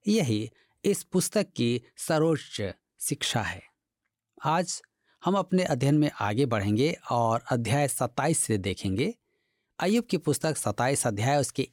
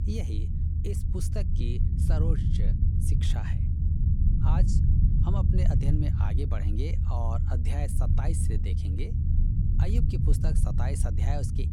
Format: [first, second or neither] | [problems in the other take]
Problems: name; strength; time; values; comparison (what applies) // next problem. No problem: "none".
first | low rumble; loud; throughout; 1 dB below the speech